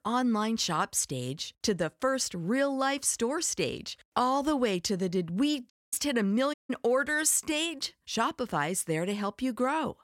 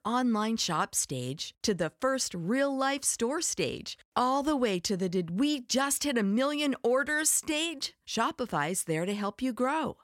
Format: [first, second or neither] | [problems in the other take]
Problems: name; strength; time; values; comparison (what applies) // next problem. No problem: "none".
second | audio cutting out; at 5.5 s and at 6.5 s